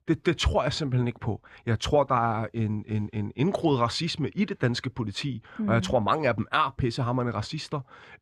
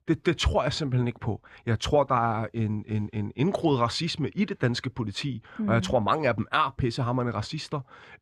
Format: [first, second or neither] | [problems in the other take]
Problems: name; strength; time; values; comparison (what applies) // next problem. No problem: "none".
neither | none